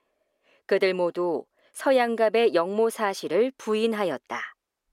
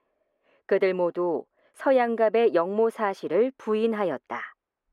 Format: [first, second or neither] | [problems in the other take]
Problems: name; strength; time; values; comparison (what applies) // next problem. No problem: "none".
first | muffled; slightly; fading above 3 kHz